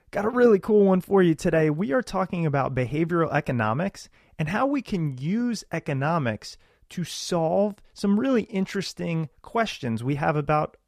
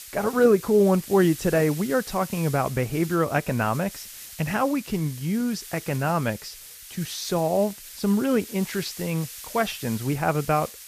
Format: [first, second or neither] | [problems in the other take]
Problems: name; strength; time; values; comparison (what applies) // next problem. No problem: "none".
first | hiss; noticeable; throughout; 15 dB below the speech